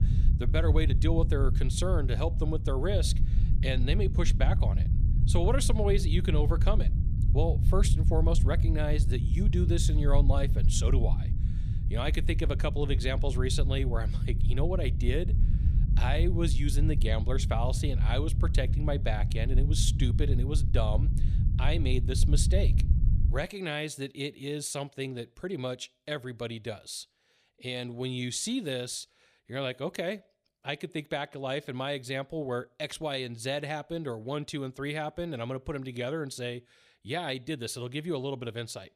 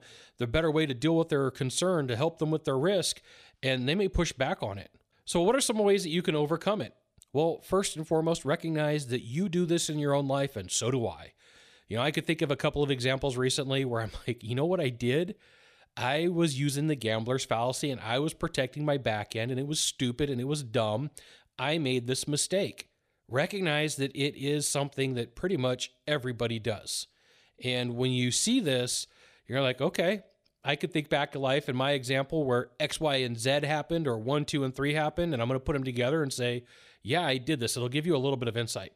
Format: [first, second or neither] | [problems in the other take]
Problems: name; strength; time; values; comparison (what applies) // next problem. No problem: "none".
second | low rumble; loud; until 23 s; 9 dB below the speech